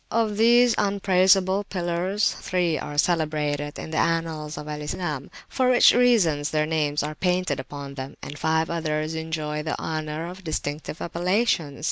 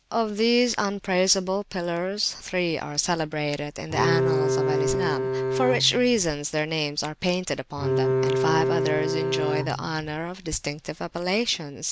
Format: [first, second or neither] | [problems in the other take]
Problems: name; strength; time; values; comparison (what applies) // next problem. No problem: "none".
first | background sound (Bowed string instrument); 1 dB above the speech